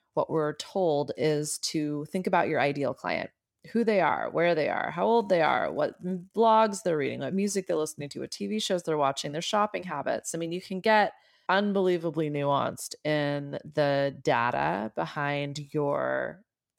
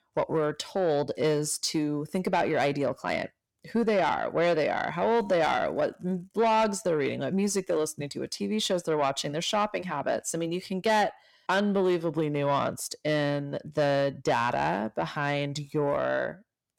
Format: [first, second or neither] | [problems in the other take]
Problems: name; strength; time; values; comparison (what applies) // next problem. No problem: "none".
first | distortion; slight; 10 dB below the speech